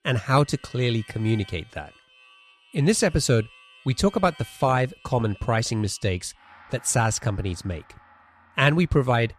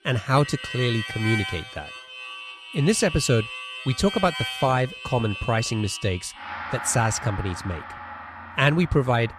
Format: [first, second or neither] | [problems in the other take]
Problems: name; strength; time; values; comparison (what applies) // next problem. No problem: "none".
first | background music; loud; throughout; 9 dB below the speech; faint in the first